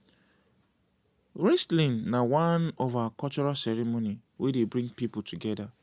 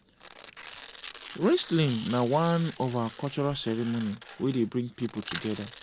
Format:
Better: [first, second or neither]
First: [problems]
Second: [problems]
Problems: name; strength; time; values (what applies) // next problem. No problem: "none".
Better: first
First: none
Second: background sound (Tearing + Camera); 16 dB below the speech